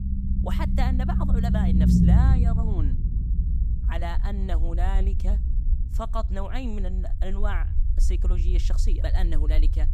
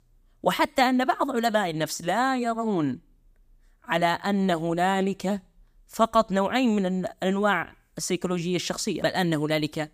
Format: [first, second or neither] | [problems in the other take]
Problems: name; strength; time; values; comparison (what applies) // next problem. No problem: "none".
second | low rumble; loud; throughout; 2 dB below the speech